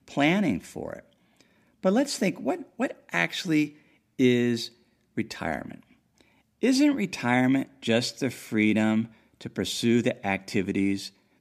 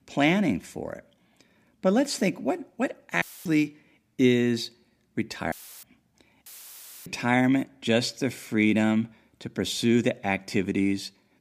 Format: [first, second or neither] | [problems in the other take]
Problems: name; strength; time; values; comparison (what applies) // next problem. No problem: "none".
first | audio cutting out; filled with static; at 3 s, at 5.5 s and at 6.5 s for 0.5 s